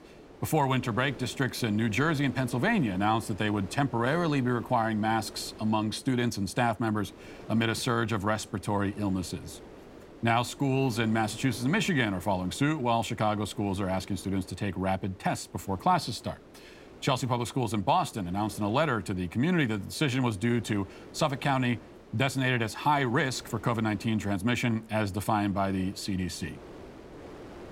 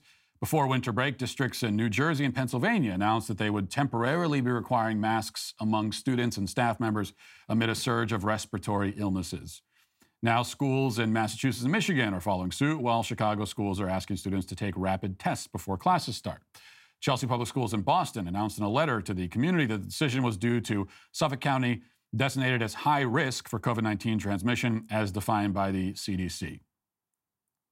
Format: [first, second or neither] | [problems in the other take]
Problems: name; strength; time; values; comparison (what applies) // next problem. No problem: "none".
second | wind noise on the microphone; occasional gusts; 20 dB below the speech